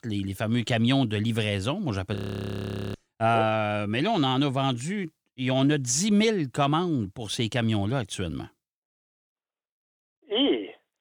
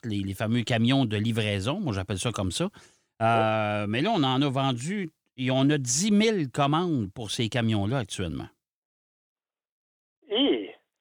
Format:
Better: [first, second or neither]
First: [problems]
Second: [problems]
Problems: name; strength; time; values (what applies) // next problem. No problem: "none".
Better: second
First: audio freezing; at 2 s for 1 s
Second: none